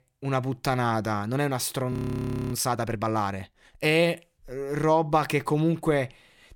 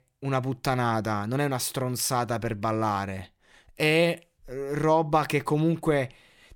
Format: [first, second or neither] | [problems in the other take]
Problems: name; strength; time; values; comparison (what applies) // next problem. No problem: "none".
second | audio freezing; at 2 s for 0.5 s